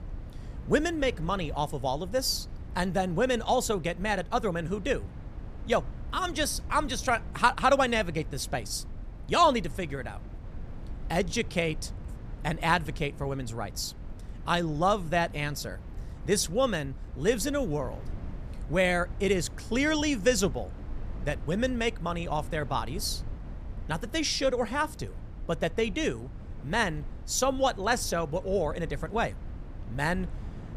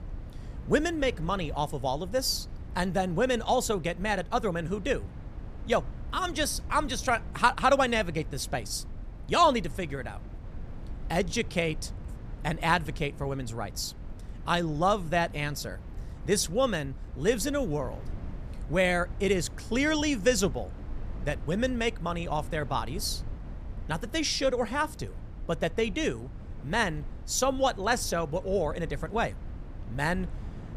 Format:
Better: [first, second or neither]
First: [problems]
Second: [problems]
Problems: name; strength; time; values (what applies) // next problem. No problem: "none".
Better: neither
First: low rumble; faint; throughout; 25 dB below the speech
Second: low rumble; faint; throughout; 25 dB below the speech